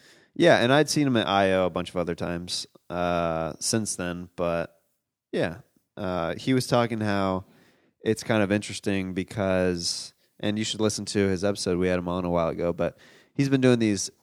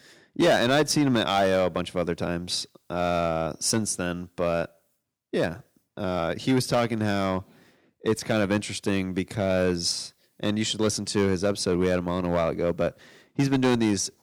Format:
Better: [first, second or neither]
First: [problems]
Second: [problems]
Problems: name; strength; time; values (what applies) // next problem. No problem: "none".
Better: first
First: none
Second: distortion; slight; 4% of the sound clipped